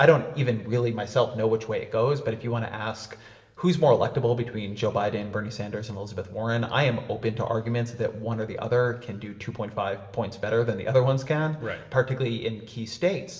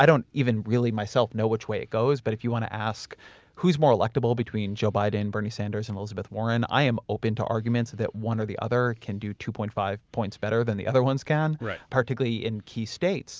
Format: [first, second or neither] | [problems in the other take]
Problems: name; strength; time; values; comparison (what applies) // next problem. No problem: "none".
second | room echo; dies away in 0.9 s